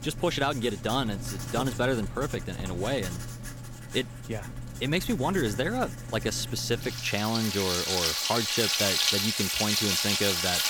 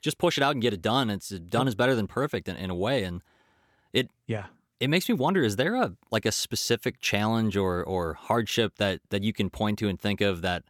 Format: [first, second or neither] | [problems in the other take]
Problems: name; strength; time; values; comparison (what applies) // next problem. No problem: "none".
second | household noises; very loud; throughout; 1 dB above the speech